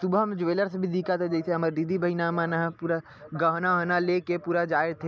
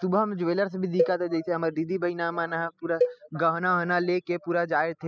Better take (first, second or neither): first